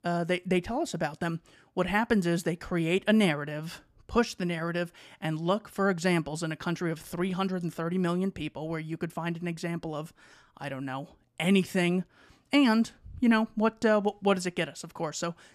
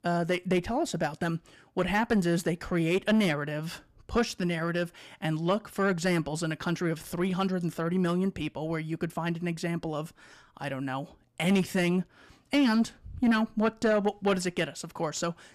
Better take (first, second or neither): first